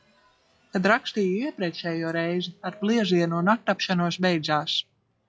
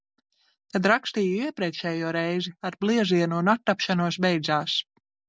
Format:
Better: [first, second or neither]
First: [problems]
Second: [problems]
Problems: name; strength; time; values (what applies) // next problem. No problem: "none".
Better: second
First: noise reduction (classical method log-MMSE)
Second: none